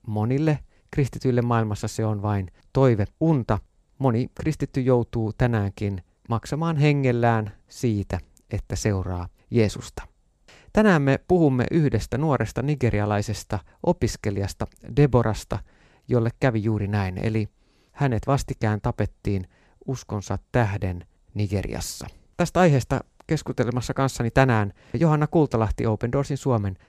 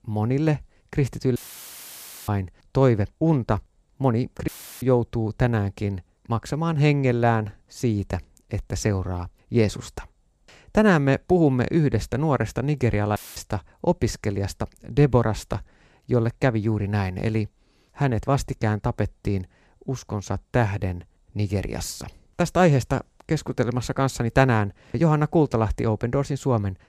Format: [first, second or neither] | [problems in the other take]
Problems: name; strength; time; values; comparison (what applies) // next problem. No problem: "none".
first | audio cutting out; filled with static; at 1.5 s for 1 s, at 4.5 s and at 13 s